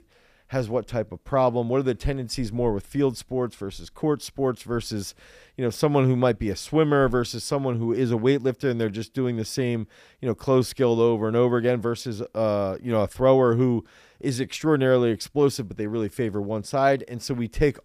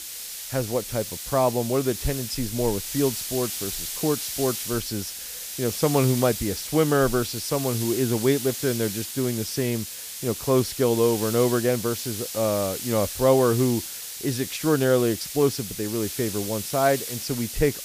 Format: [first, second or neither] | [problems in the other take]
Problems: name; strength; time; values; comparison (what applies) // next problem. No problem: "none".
first | hiss; loud; throughout; 6 dB below the speech